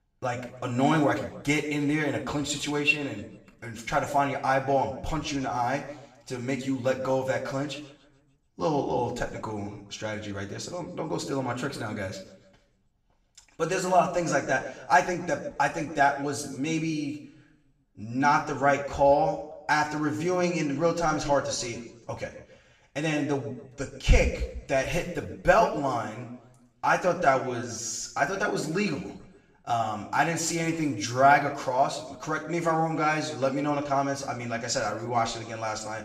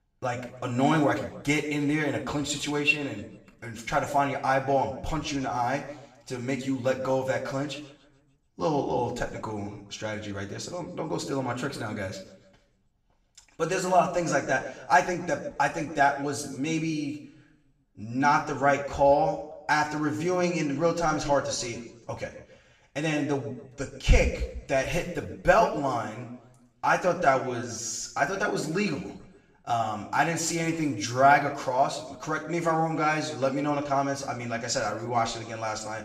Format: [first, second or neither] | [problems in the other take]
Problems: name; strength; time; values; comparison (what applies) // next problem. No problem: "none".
neither | room echo; slight; dies away in 0.7 s; the same in both // off-mic speech; far; the same in both